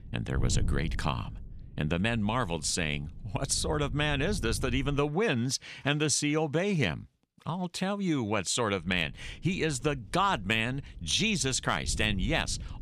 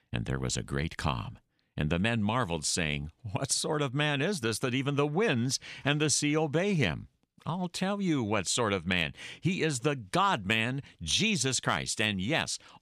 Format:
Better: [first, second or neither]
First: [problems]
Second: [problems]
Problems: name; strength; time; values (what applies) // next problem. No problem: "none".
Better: second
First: wind noise on the microphone; occasional gusts; until 5 s and from 9 s on; 25 dB below the speech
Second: none